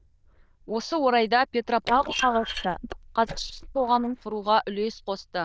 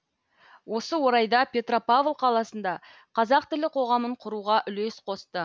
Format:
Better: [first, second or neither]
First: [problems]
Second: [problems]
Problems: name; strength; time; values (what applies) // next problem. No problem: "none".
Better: second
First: noise reduction (neural diffusion model UNIVERSE++)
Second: none